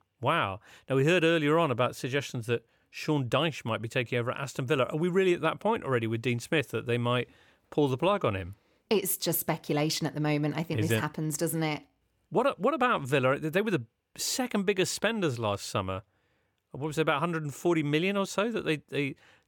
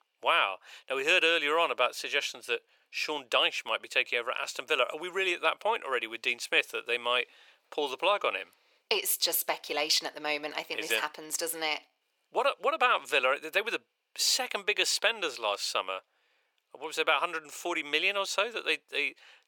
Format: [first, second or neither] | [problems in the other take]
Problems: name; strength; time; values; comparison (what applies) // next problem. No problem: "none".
first | thin; very; fading below 550 Hz